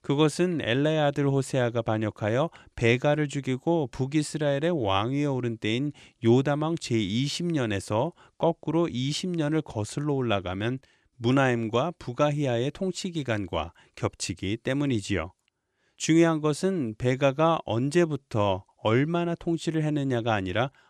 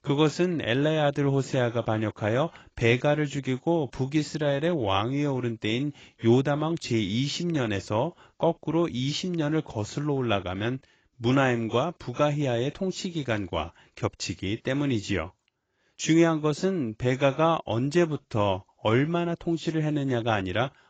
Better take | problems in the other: first | garbled, watery; badly; nothing above 7.5 kHz

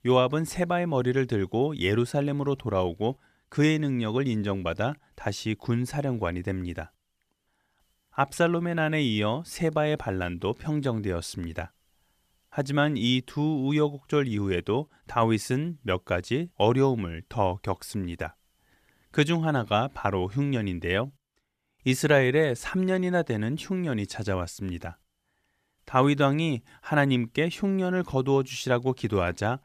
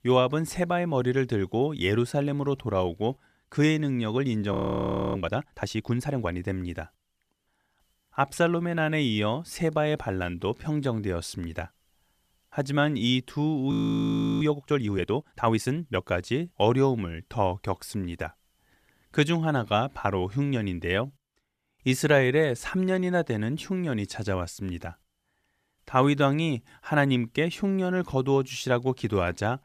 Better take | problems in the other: first | audio freezing; at 4.5 s for 0.5 s and at 14 s for 0.5 s

